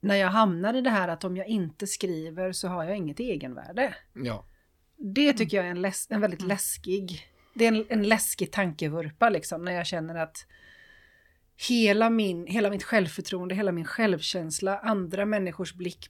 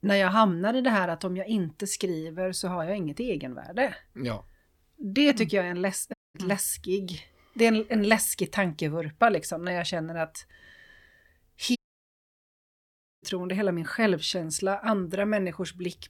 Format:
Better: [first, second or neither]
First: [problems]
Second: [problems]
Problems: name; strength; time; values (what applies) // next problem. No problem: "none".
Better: first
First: none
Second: audio cutting out; at 6 s and at 12 s for 1.5 s